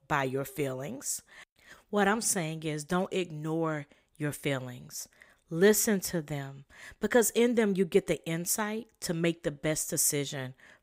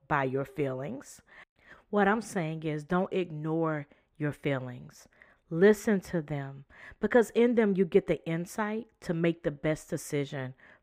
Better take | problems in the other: first | muffled; very; fading above 4 kHz

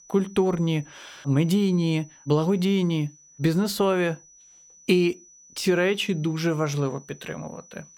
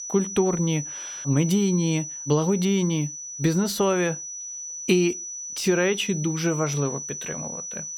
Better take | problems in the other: first | high-pitched whine; loud; throughout; 6 kHz, 8 dB below the speech; faint in the first

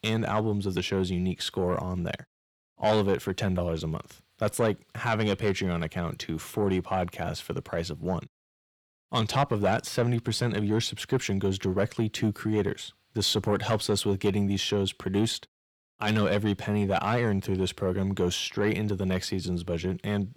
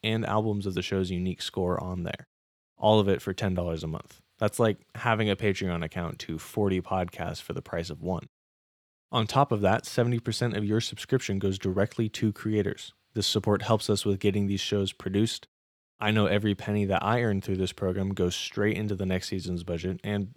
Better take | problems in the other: second | distortion; slight; 10 dB below the speech

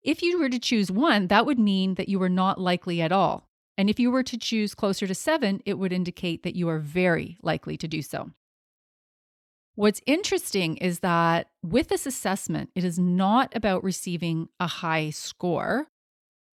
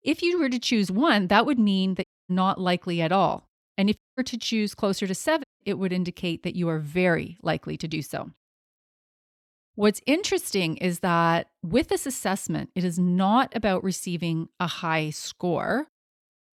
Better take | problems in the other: first | audio cutting out; at 2 s, at 4 s and at 5.5 s

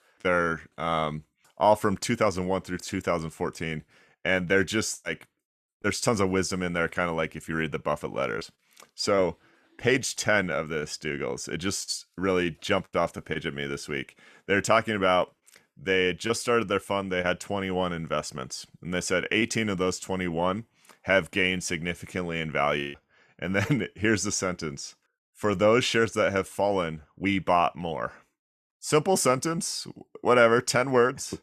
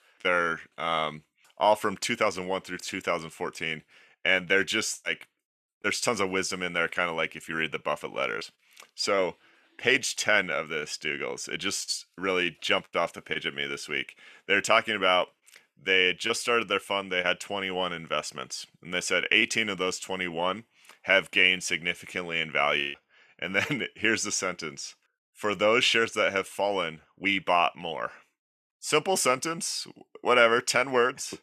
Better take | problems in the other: first | thin; very slightly; fading below 400 Hz

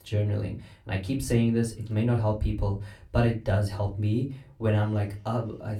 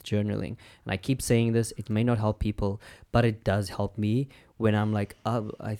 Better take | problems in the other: second | off-mic speech; somewhat distant // room echo; very slight; dies away in 0.3 s

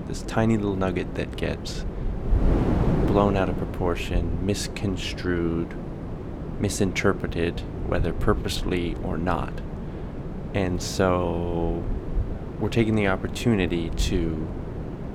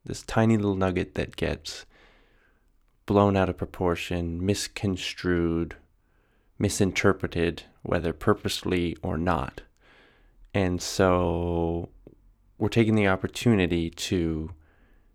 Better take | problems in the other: second | wind noise on the microphone; heavy; 9 dB below the speech

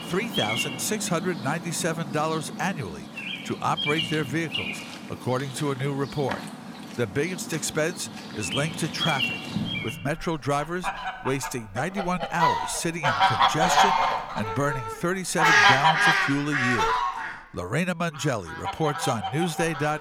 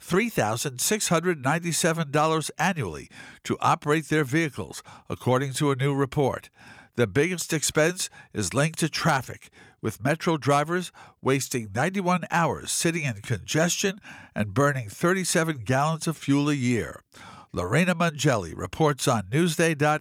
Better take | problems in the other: second | animal sounds; very loud; throughout; 3 dB above the speech

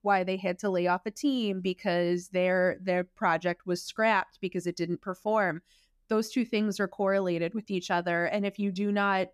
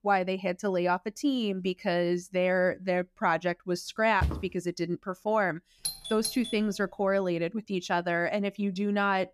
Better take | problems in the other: first | footsteps; noticeable; at 4 s; peak 4 dB below the speech // doorbell; noticeable; at 6 s; peak 5 dB below the speech

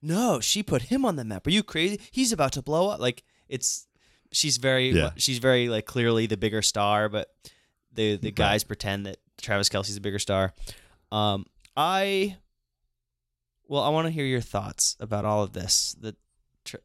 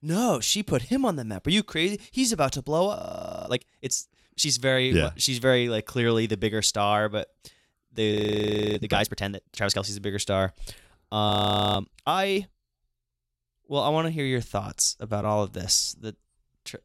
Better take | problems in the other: first | audio freezing; at 3 s, at 8 s for 0.5 s and at 11 s

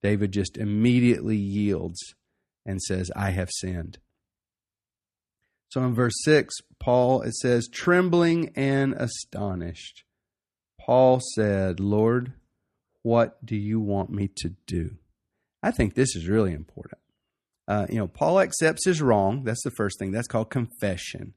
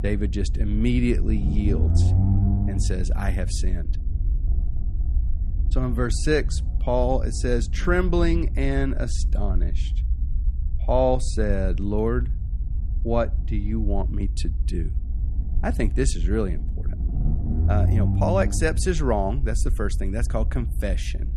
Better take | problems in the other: first | low rumble; noticeable; throughout; 15 dB below the speech

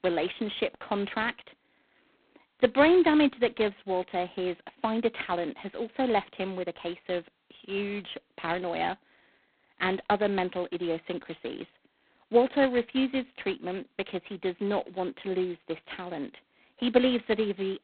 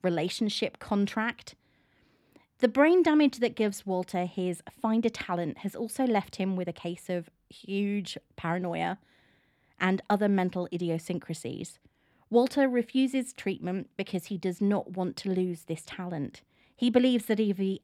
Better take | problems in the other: second | phone-call audio; poor line; nothing above 4 kHz

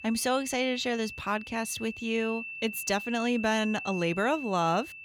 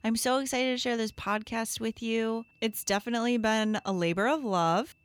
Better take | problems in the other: second | high-pitched whine; loud; throughout; 2.5 kHz, 10 dB below the speech; faint in the second

